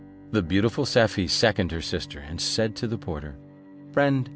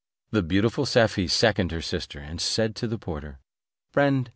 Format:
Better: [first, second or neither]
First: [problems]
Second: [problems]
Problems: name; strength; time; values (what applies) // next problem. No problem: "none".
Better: second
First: background sound (Bowed string instrument); 18 dB below the speech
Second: none